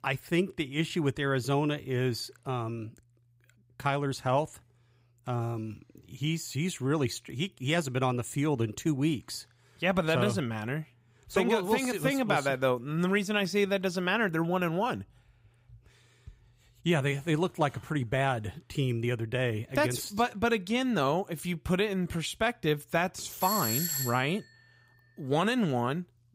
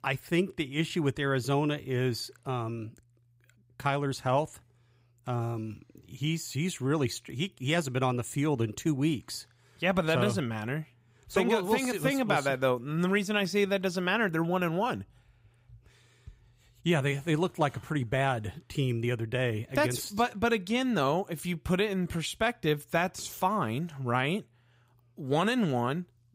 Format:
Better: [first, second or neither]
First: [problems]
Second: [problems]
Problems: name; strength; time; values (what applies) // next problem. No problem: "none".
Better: second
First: doorbell; loud; at 23 s; peak 1 dB above the speech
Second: none